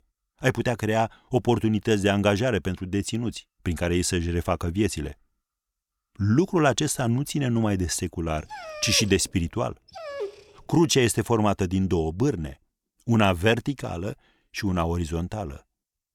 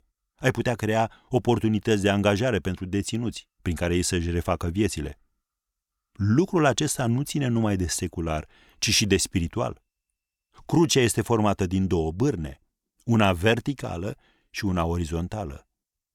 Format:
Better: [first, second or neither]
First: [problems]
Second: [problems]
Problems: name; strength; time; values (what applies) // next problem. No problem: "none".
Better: second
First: dog barking; noticeable; from 8.5 to 10 s; peak 9 dB below the speech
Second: none